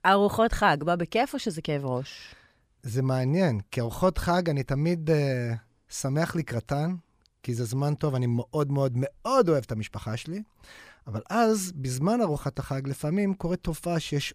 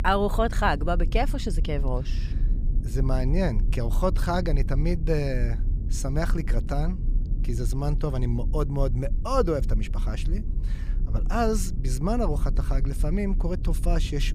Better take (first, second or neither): first